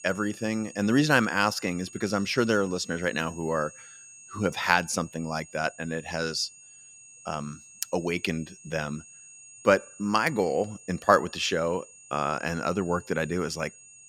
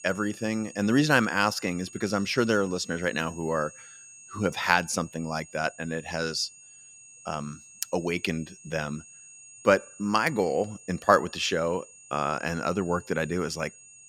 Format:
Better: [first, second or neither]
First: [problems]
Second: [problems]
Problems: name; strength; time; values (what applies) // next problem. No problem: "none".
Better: neither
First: high-pitched whine; noticeable; throughout; 6.5 kHz, 20 dB below the speech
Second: high-pitched whine; noticeable; throughout; 6.5 kHz, 20 dB below the speech